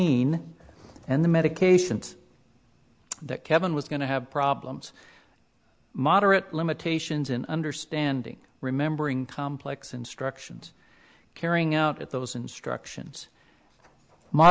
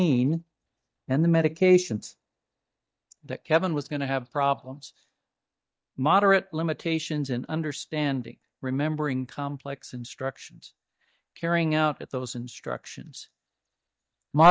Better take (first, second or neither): first